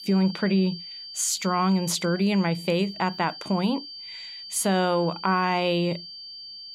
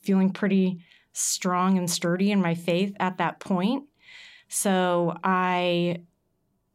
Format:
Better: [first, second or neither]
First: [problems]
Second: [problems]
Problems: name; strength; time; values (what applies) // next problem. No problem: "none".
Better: second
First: high-pitched whine; noticeable; throughout; 4.5 kHz, 15 dB below the speech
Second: none